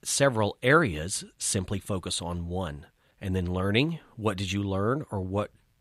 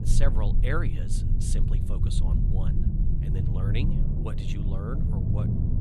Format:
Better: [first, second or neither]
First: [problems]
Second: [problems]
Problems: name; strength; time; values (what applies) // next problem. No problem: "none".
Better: first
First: none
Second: low rumble; loud; throughout; 1 dB below the speech